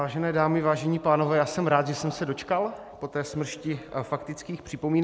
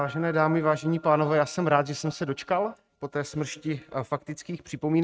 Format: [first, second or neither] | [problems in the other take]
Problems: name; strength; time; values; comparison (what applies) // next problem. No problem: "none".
first | noise reduction (neural mask model RNNoise)